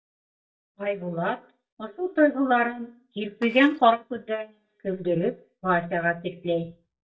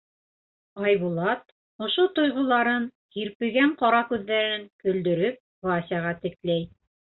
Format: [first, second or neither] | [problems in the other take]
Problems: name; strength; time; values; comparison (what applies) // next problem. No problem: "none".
second | noise reduction (neural mask model DeepFilterNet 3)